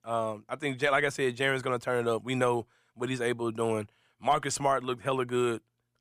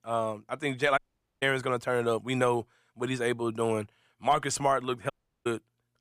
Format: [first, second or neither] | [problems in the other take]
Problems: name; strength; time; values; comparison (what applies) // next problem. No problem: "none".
first | audio cutting out; at 1 s and at 5 s